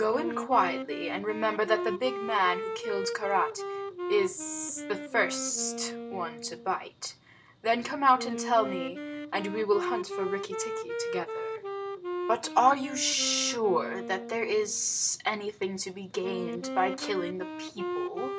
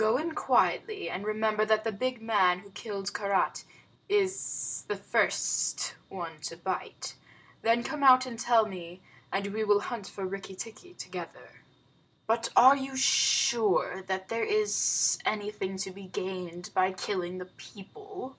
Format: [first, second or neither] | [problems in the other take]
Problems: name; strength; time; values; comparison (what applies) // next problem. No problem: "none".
second | background sound (Wind instrument, woodwind instrument); 6 dB below the speech